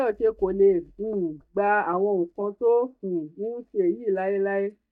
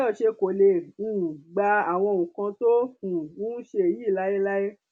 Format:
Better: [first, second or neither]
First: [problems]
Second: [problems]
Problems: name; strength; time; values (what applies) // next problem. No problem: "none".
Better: second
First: noise reduction (neural mask model DeepFilterNet 3)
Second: none